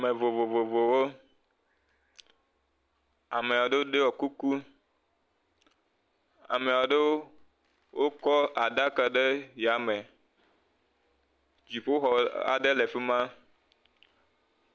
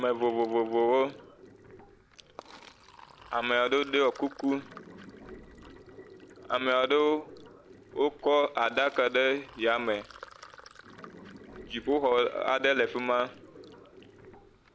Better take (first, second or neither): first